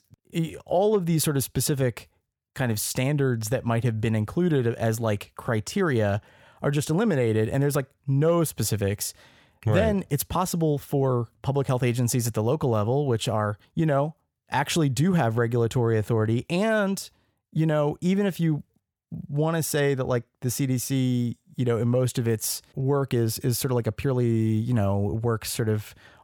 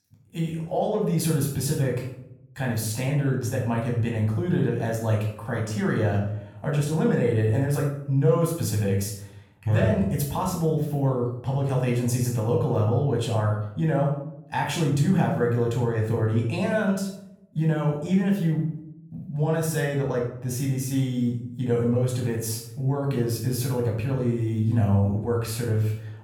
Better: first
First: none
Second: off-mic speech; far // room echo; noticeable; dies away in 0.6 s

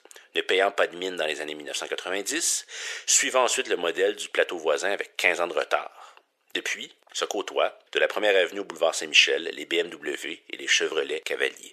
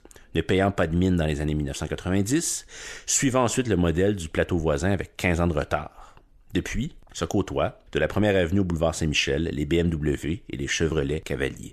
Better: second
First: thin; very; fading below 450 Hz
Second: none

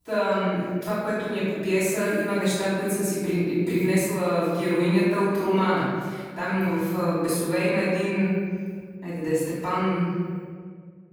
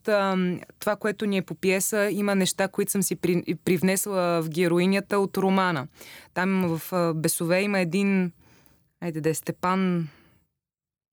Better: second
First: off-mic speech; far // room echo; strong; dies away in 1.6 s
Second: none

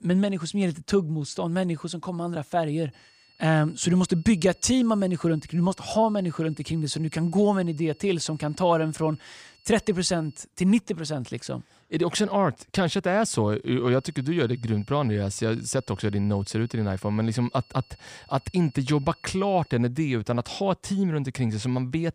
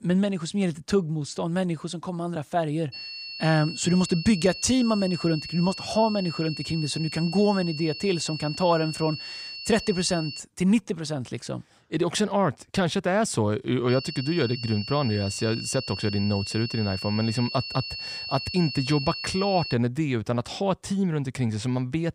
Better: first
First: high-pitched whine; faint; from 3 to 10 s and from 14 to 20 s; 4.5 kHz, 30 dB below the speech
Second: high-pitched whine; loud; from 3 to 10 s and from 14 to 20 s; 4.5 kHz, 8 dB below the speech

